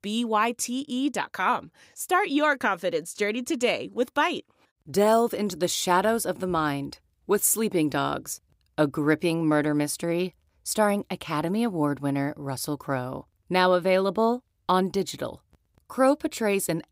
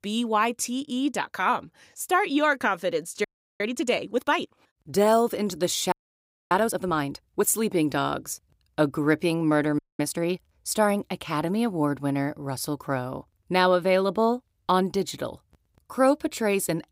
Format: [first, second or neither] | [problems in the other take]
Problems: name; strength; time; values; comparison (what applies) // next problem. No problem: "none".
first | audio freezing; at 3 s, at 6 s for 0.5 s and at 10 s